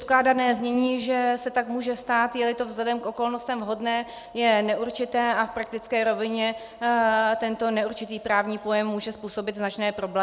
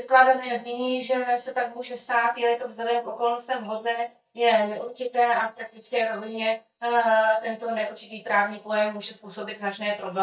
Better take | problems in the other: first | noise reduction (neural mask model DeepFilterNet 3)

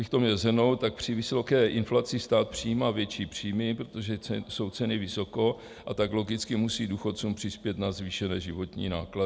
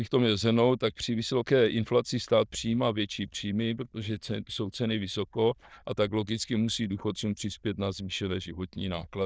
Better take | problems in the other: first | noise reduction (neural diffusion model UNIVERSE++)

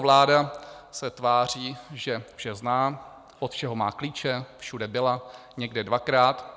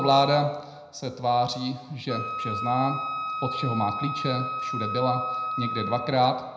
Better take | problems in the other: first | background sound (Wind instrument, woodwind instrument); 6 dB below the speech // room echo; dies away in 0.8 s

